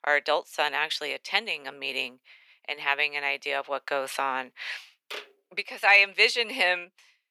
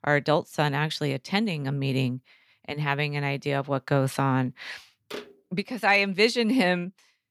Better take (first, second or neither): second